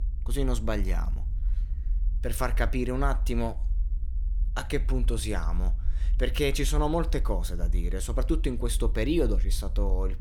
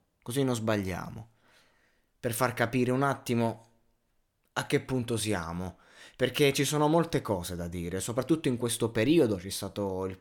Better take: second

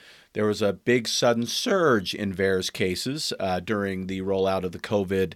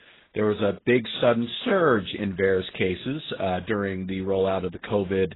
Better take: first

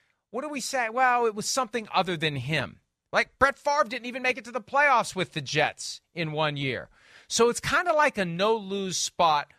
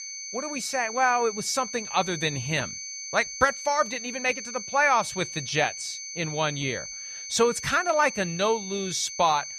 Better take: first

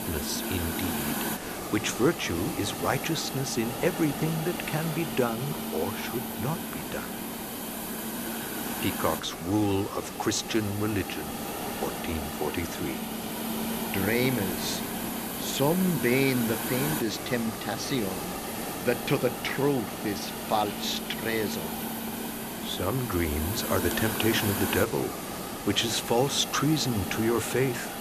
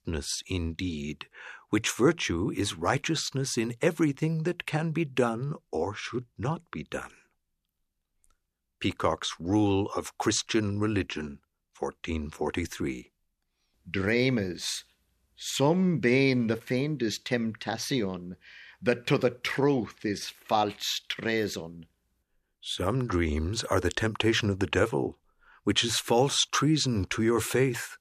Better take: second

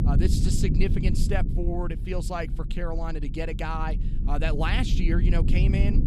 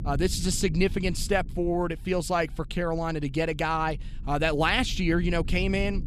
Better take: second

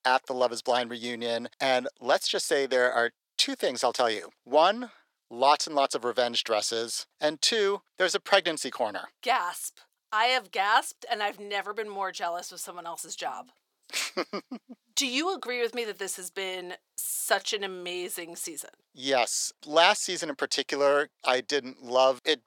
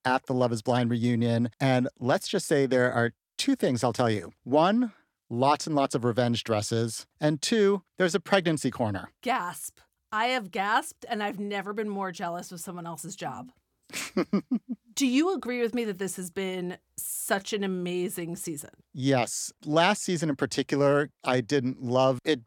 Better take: second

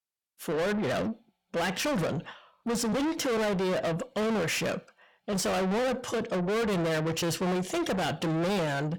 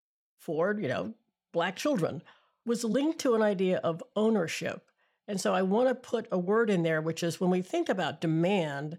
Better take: second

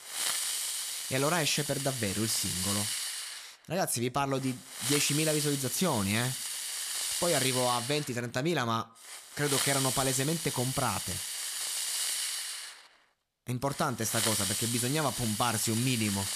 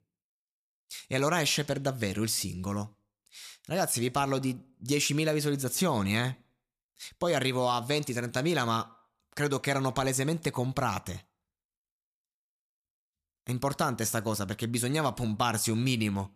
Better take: second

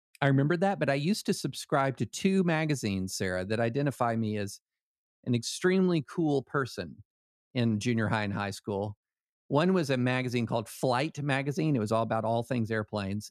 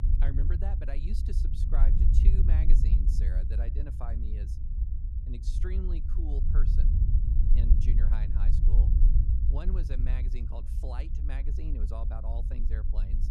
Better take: first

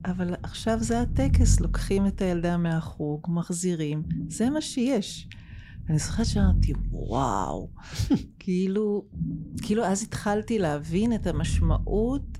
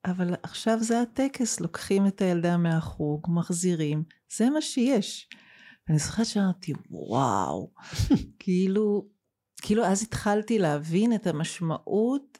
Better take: second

